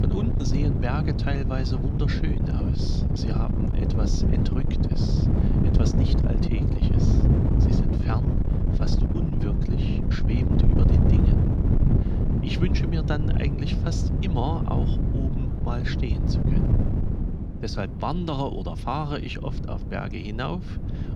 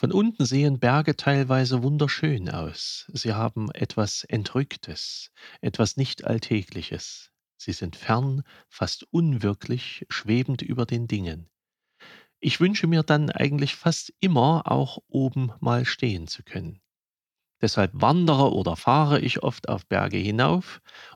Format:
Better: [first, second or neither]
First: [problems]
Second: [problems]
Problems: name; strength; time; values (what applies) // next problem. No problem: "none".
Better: second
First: wind noise on the microphone; heavy; as loud as the speech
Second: none